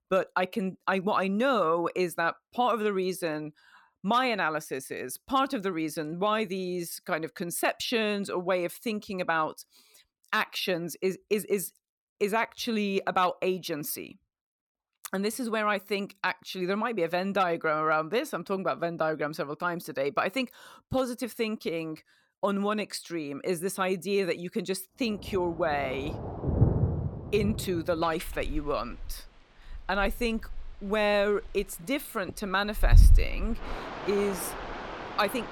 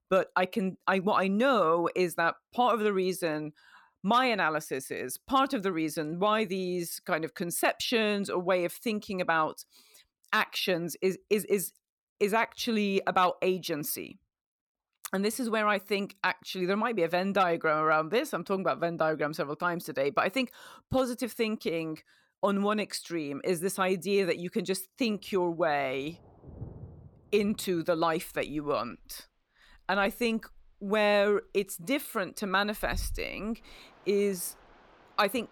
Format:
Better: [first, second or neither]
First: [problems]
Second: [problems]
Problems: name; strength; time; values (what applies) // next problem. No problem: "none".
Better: second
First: rain or running water; loud; from 26 s on; as loud as the speech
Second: rain or running water; faint; from 26 s on; 20 dB below the speech